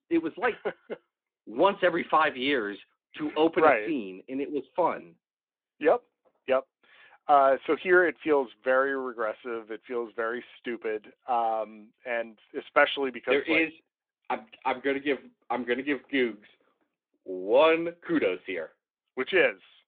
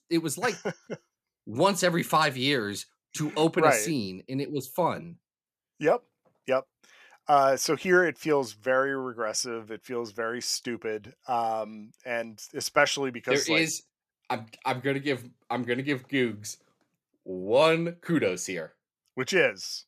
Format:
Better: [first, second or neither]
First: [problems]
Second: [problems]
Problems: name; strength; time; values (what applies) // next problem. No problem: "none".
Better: second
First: phone-call audio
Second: none